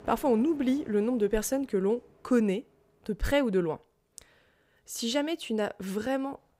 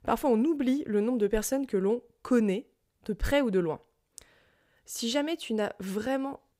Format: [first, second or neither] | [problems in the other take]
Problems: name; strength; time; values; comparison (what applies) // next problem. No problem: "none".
second | traffic noise; faint; throughout; 25 dB below the speech